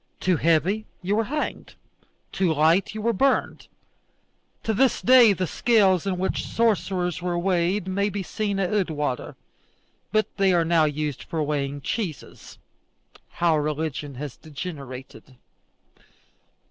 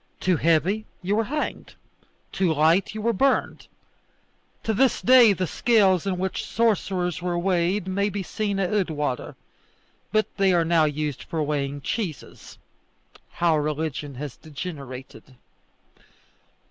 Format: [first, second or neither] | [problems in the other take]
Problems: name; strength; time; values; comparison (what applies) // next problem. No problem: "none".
second | noise reduction (neural separator model SepFormer DNS4)